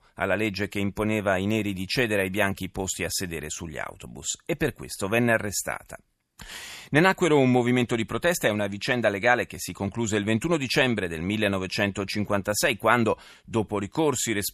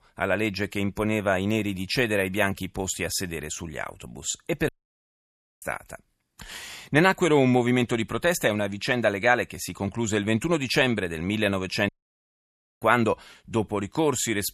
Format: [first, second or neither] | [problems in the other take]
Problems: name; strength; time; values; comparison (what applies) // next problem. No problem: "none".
first | audio cutting out; at 4.5 s for 1 s and at 12 s for 1 s